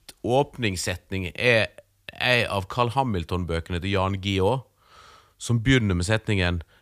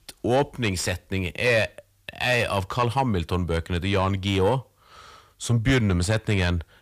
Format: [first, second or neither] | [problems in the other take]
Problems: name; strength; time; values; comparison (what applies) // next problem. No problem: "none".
first | distortion; slight; 10 dB below the speech